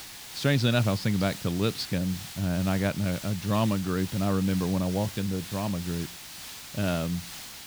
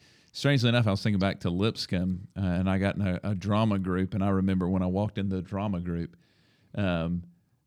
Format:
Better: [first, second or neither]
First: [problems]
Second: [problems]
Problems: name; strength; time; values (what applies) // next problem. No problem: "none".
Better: second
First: hiss; noticeable; throughout; 10 dB below the speech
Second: none